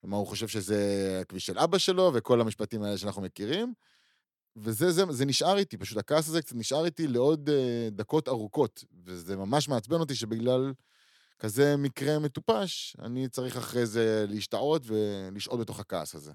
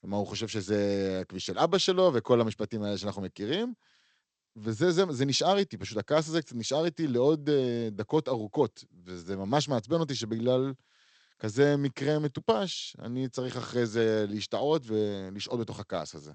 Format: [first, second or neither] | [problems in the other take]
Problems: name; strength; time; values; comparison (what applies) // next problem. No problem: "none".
first | garbled, watery; slightly; nothing above 8 kHz